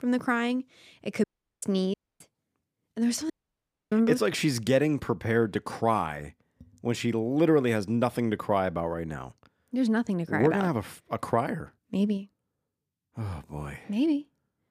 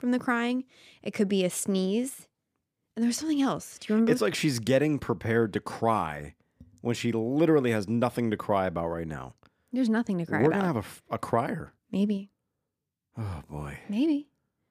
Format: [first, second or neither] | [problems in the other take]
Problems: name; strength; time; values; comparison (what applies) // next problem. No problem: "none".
second | audio cutting out; at 1 s, at 2 s and at 3.5 s for 0.5 s